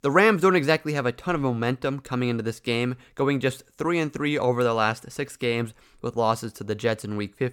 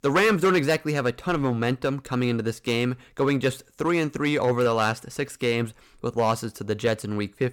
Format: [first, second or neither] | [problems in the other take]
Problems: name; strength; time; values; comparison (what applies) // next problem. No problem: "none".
first | distortion; slight; 4% of the sound clipped